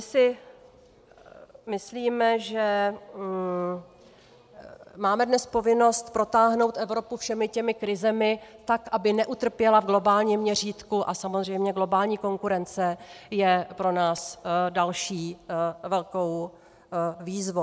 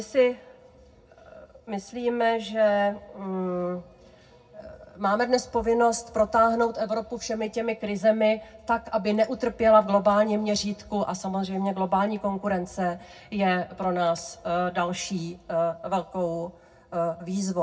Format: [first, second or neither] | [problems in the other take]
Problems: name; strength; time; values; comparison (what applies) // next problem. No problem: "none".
first | room echo; dies away in 0.4 s